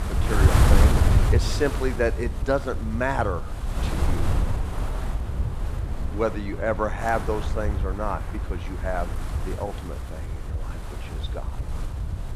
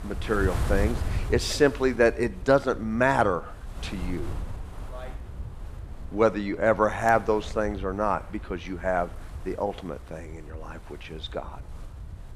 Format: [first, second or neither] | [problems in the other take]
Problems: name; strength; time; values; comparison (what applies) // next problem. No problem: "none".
second | wind noise on the microphone; heavy; 7 dB below the speech; occasional gusts in the second